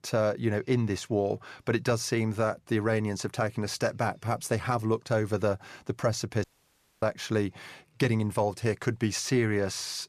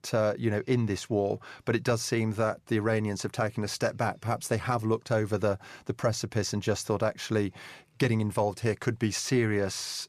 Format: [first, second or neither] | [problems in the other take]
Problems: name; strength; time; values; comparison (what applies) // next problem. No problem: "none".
second | audio cutting out; at 6.5 s for 0.5 s